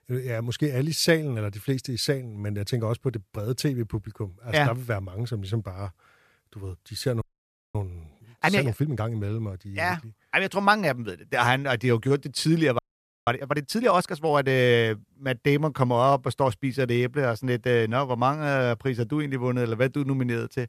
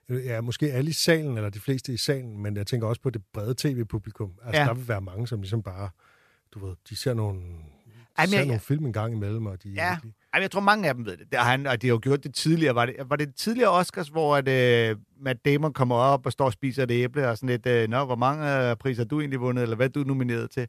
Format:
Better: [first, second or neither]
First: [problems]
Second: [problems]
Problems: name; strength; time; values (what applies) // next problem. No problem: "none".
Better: second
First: audio freezing; at 7 s for 0.5 s and at 13 s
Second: none